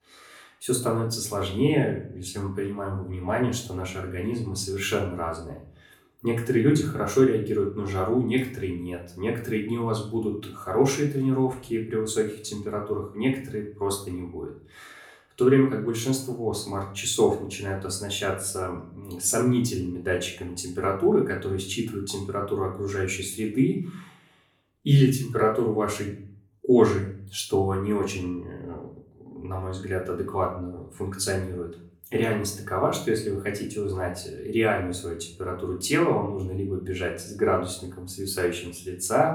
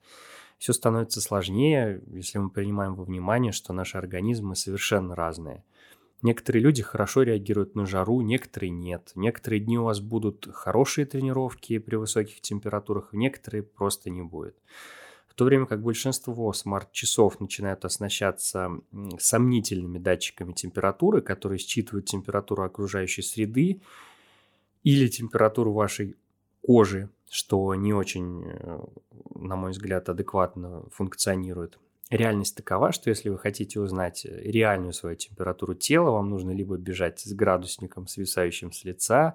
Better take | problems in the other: second | off-mic speech; far // room echo; slight; dies away in 0.4 s

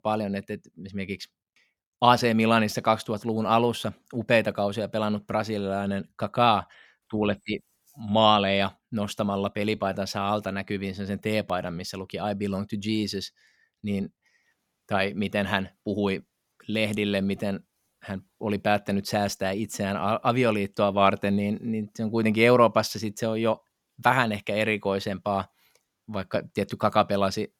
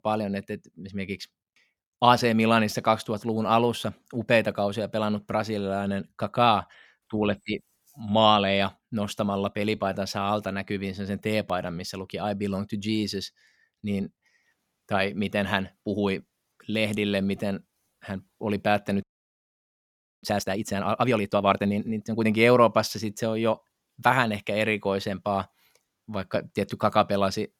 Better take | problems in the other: first | audio freezing; at 19 s for 1 s

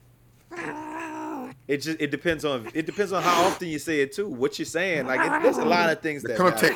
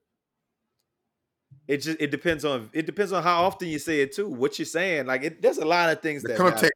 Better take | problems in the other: second | hiss; loud; throughout; 5 dB below the speech

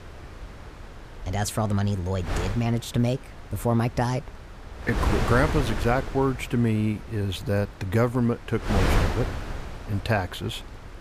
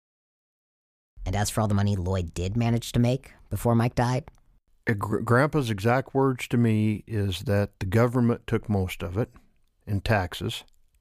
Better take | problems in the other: second | wind noise on the microphone; heavy; 5 dB below the speech

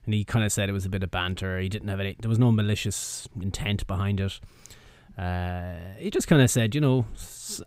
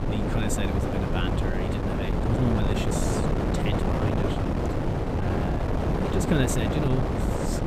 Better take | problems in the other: first | wind noise on the microphone; heavy; 5 dB above the speech

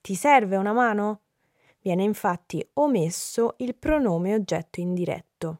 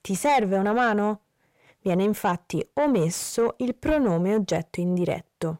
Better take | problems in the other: first | distortion; slight; 10 dB below the speech

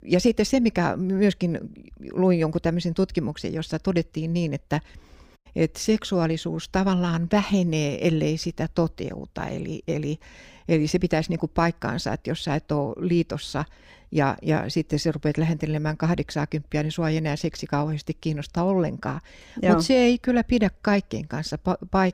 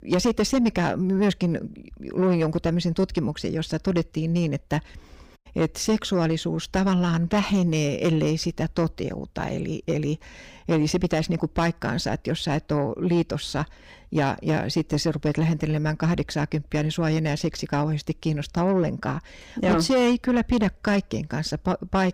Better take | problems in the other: first | distortion; slight; 10 dB below the speech

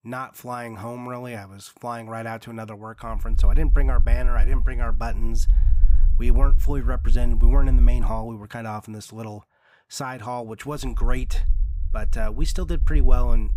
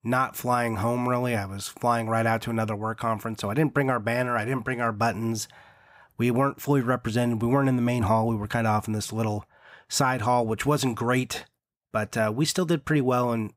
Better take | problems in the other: second | low rumble; noticeable; from 3 to 8 s and from 11 s on; 15 dB below the speech

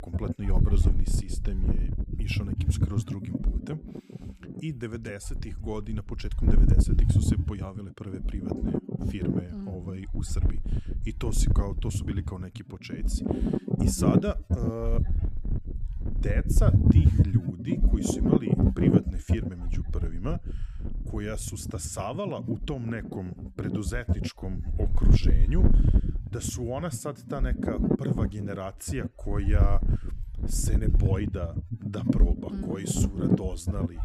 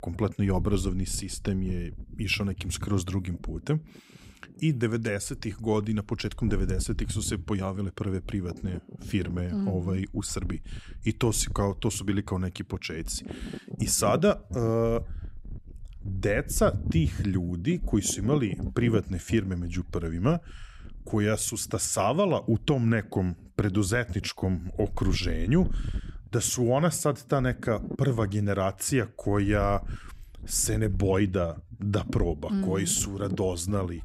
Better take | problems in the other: second | wind noise on the microphone; heavy; 2 dB above the speech; occasional gusts in the second

